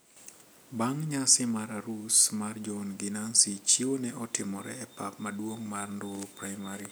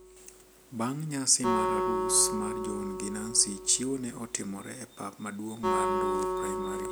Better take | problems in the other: first | background sound (Acoustic guitar); 1 dB below the speech

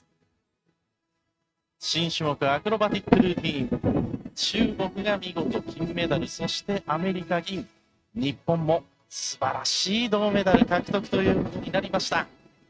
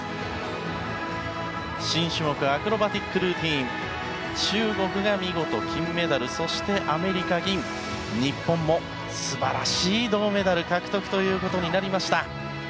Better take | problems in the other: second | noise reduction (neural mask model RNNoise)

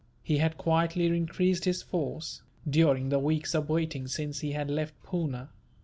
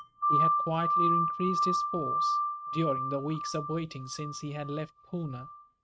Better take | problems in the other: first | noise reduction (neural mask model RNNoise)

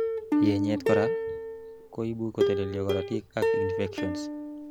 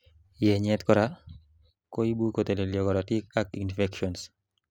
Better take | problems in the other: second | background sound (Plucked string instrument); 4 dB above the speech

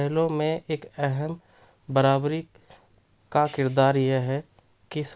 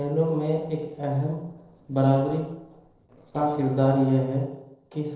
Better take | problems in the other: first | noise reduction (neural separator model SepFormer DNS4)

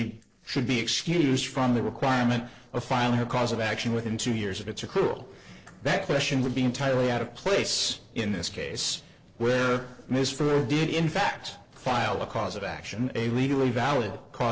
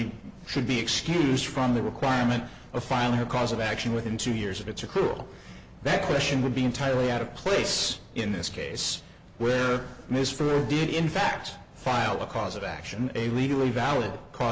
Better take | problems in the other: second | noise reduction (neural separator model SepFormer DNS4)

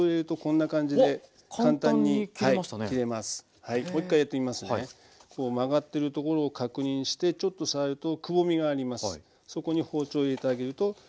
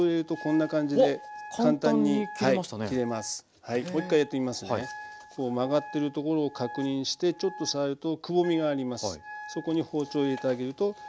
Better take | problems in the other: first | background sound (Wind instrument, woodwind instrument); 17 dB below the speech

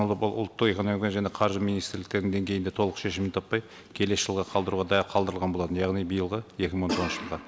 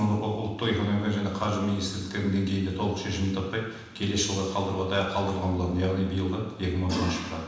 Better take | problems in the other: first | room echo; dies away in 1.1 s

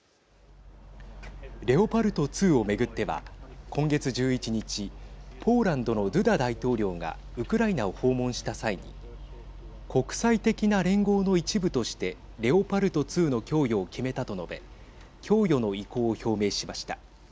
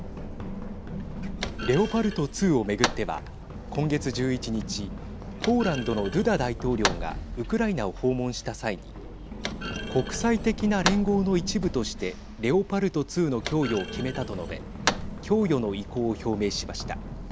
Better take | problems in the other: first | background sound (Run + Thump, thud); 7 dB below the speech

